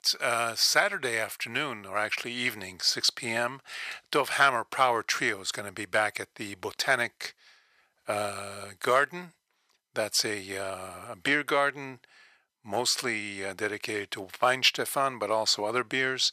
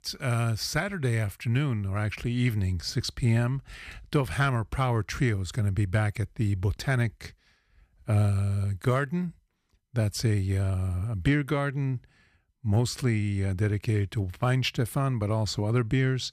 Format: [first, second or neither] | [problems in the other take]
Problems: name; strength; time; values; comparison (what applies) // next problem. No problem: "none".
second | thin; very; fading below 650 Hz